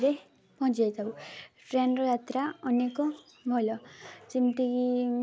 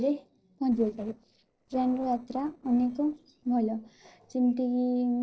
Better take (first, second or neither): first